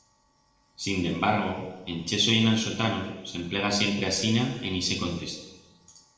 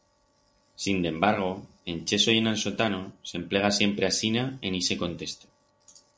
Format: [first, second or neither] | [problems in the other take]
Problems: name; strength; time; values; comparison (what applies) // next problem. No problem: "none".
second | room echo; dies away in 1 s